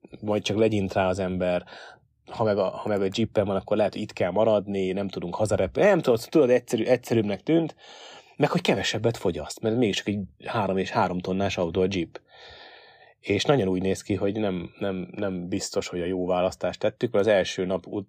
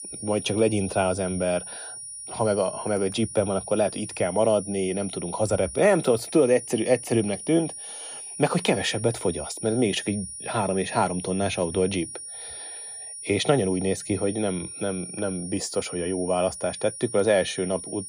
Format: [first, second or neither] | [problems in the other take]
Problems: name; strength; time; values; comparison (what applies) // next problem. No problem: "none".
first | high-pitched whine; loud; throughout; 9.5 kHz, 10 dB below the speech